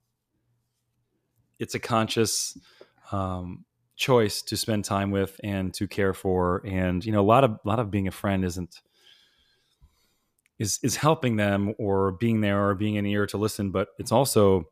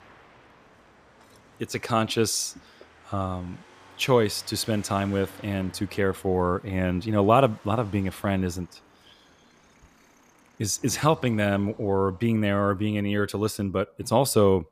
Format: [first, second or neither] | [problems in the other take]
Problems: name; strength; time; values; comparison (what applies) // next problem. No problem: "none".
first | traffic noise; faint; throughout; 25 dB below the speech